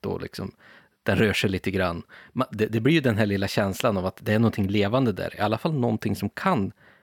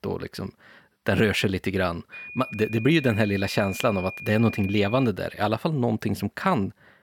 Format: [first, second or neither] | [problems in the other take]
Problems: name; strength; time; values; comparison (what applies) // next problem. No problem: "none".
first | high-pitched whine; noticeable; from 2 to 5 s; 2.5 kHz, 10 dB below the speech